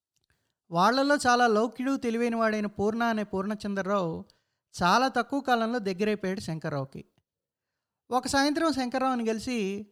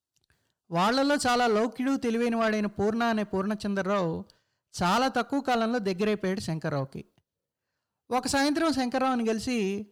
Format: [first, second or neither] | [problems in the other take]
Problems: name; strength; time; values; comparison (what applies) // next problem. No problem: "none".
first | distortion; slight; 10 dB below the speech